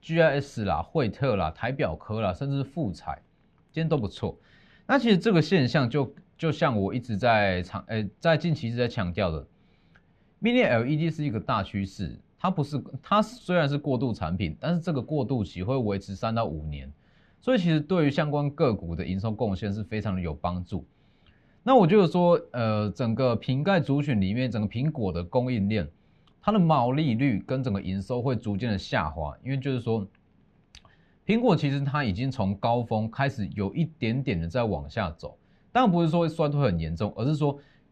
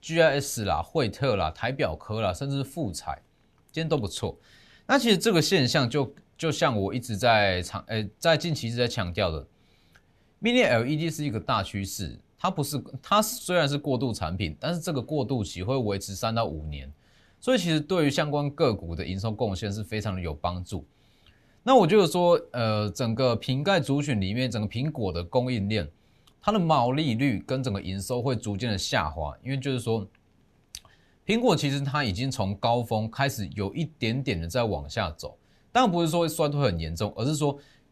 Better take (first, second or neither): second